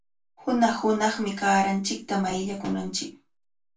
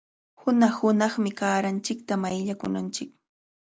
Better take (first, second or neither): second